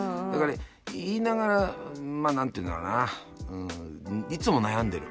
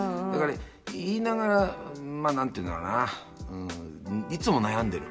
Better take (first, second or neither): first